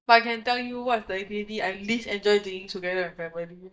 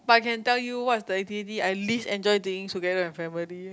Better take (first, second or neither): second